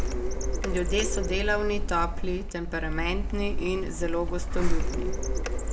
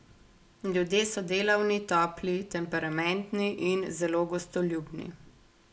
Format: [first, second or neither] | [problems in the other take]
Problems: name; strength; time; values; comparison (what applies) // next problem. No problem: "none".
second | background sound (Printer); 4 dB above the speech